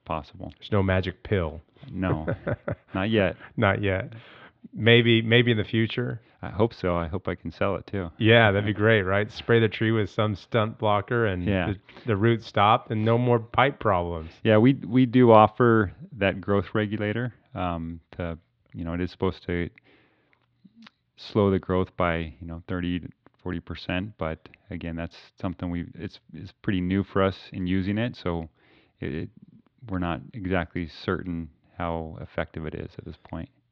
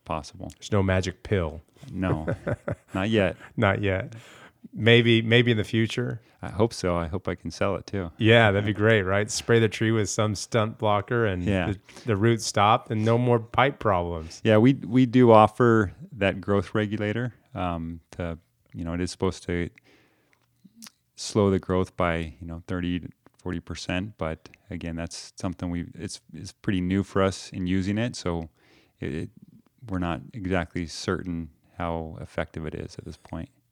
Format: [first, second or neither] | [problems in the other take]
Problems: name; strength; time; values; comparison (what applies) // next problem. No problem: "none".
second | muffled; slightly; fading above 4 kHz